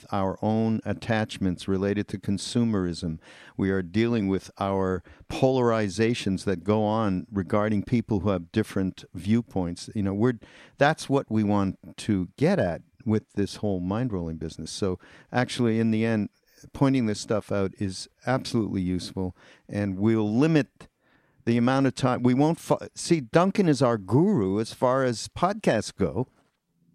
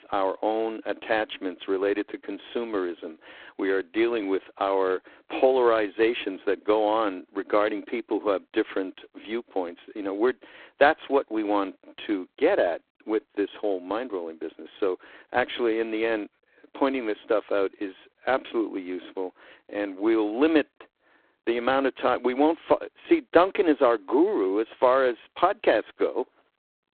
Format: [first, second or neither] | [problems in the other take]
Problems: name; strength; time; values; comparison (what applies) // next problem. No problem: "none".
first | phone-call audio; poor line; nothing above 4 kHz